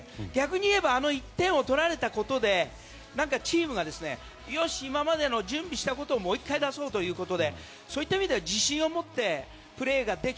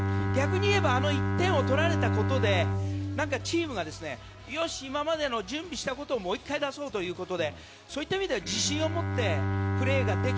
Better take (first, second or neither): first